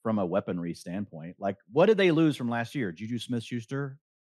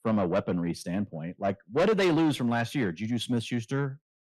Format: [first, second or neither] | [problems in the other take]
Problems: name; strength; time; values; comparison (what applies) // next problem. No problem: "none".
first | distortion; heavy; 8 dB below the speech